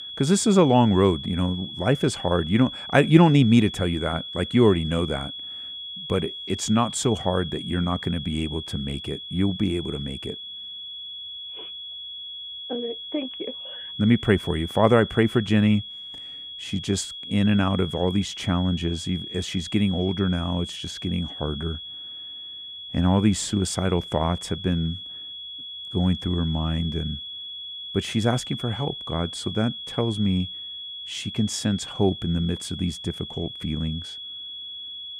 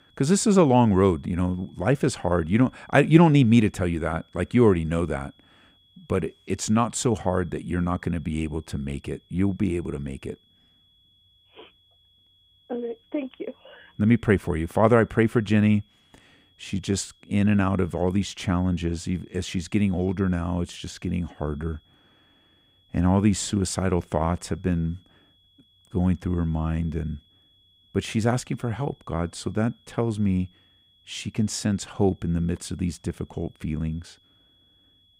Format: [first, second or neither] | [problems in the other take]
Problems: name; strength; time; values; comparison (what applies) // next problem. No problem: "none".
second | high-pitched whine; loud; throughout; 3.5 kHz, 10 dB below the speech; faint in the second